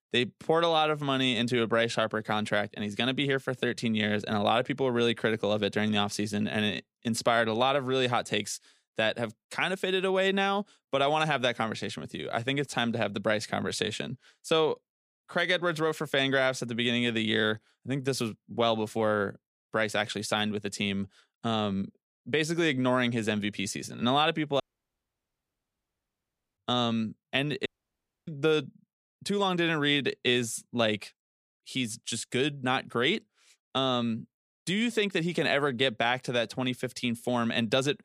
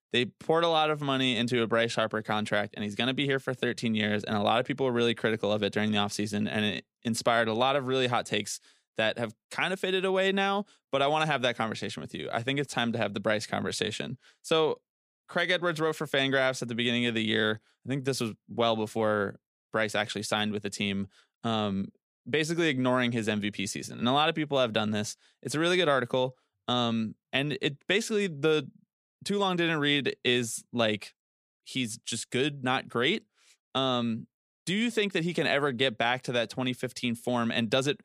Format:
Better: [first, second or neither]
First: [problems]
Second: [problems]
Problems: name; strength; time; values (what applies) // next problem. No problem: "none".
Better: second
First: audio cutting out; at 25 s for 2 s and at 28 s for 0.5 s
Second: none